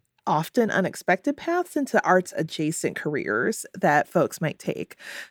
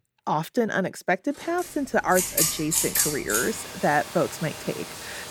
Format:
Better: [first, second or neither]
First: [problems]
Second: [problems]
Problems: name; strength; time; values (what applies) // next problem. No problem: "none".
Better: first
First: none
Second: household noises; very loud; from 1.5 s on; as loud as the speech